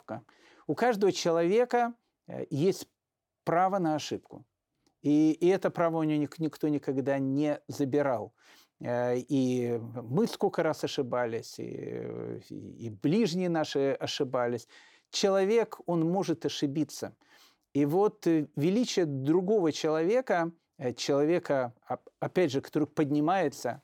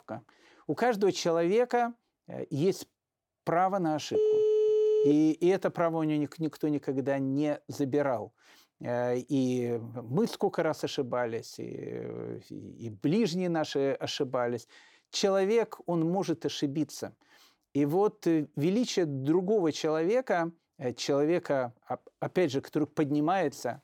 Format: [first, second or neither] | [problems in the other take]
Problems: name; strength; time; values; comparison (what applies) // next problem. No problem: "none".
first | phone ringing; loud; at 4 s; peak 5 dB above the speech